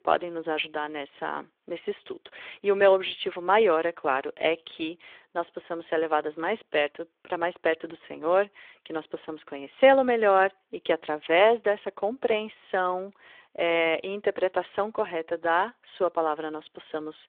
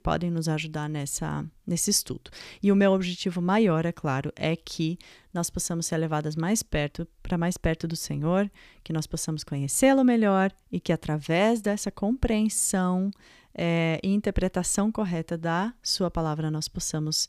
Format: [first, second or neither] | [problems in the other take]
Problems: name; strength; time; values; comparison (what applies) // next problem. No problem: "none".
second | phone-call audio